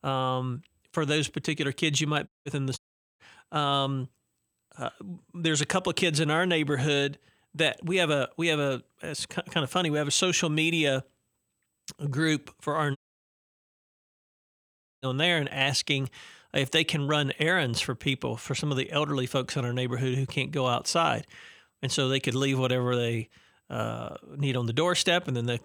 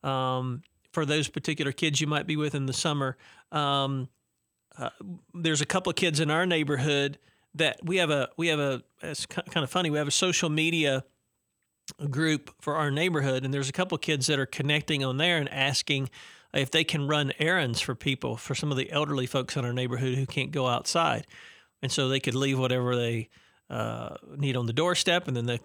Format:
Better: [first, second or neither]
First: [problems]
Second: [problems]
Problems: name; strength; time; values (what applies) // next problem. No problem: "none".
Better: second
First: audio cutting out; at 2.5 s, at 3 s and at 13 s for 2 s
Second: none